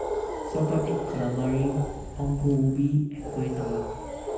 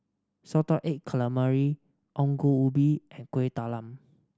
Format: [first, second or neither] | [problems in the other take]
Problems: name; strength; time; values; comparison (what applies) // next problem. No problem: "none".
second | background sound (Animal); 5 dB below the speech // room echo; dies away in 0.9 s